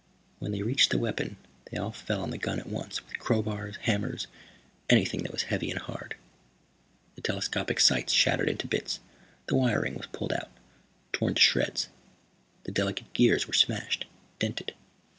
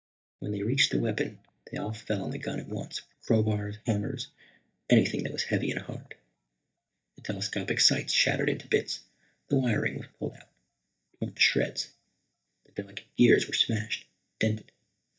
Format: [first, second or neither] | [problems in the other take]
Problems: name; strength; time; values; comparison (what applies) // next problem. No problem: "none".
first | noise reduction (neural mask model DeepFilterNet 3)